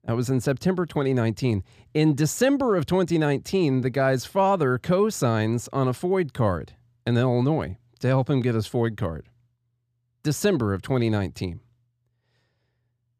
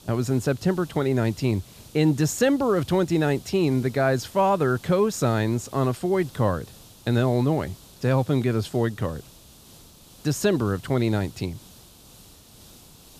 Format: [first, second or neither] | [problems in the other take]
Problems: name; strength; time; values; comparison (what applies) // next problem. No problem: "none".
first | hiss; faint; throughout; 25 dB below the speech